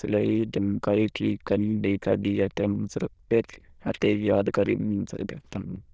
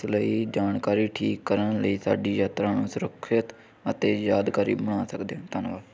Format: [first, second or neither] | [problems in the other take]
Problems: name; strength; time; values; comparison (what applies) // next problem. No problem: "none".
second | noise reduction (neural diffusion model UNIVERSE++)